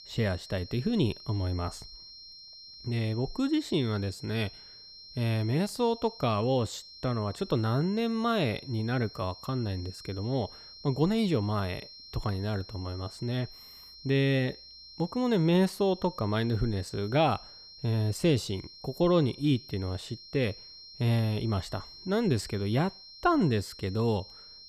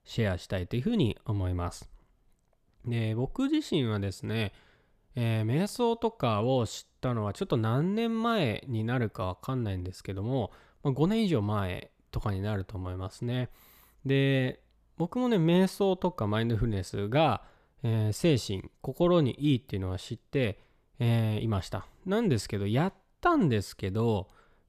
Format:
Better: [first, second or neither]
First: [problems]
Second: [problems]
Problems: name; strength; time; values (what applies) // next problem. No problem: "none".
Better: second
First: high-pitched whine; noticeable; throughout; 4 kHz, 15 dB below the speech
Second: none